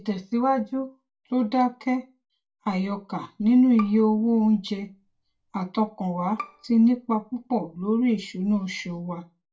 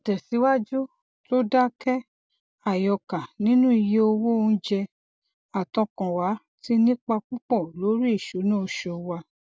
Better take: second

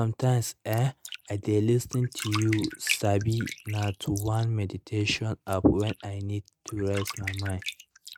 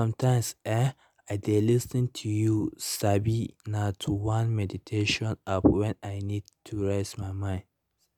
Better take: second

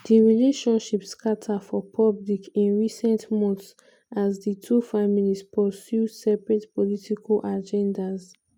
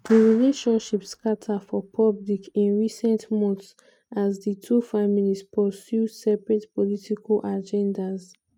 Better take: first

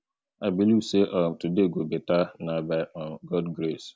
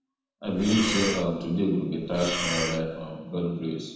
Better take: first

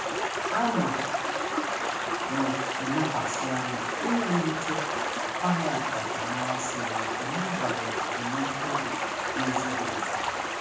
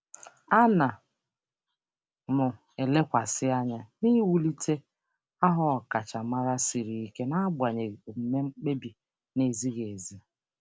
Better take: second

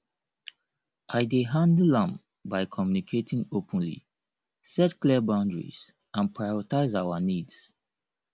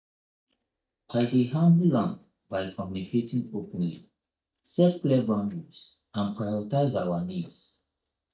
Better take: first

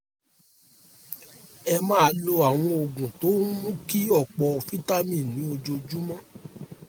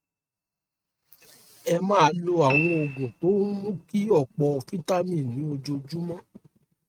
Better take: first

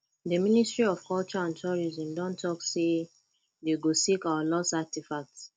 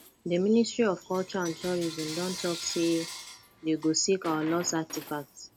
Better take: first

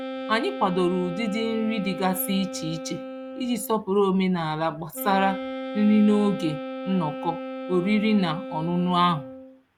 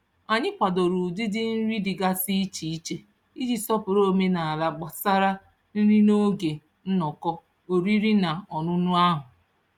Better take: second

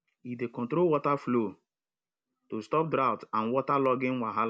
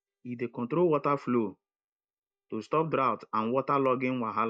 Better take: first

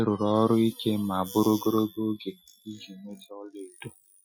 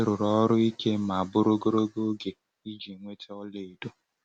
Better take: second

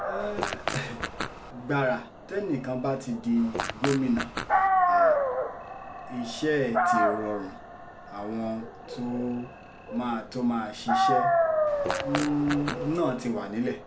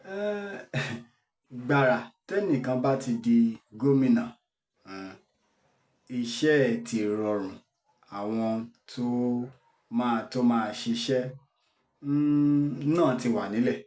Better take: second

